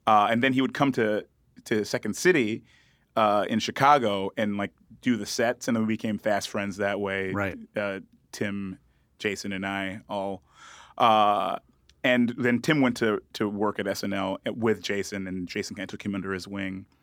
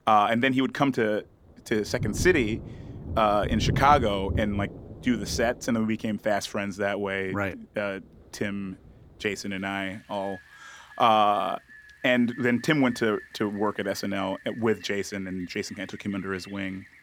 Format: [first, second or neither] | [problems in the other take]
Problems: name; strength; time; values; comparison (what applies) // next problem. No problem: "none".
first | rain or running water; noticeable; throughout; 10 dB below the speech